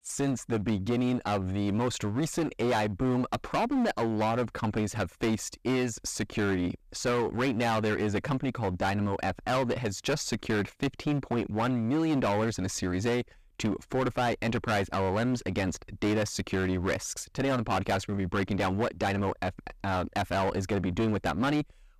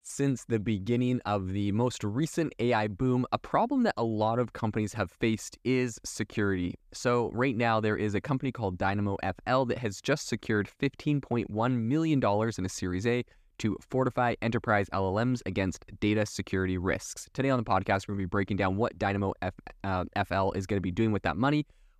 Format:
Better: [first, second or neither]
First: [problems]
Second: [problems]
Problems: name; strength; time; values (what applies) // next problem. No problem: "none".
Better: second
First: distortion; heavy; 17% of the sound clipped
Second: none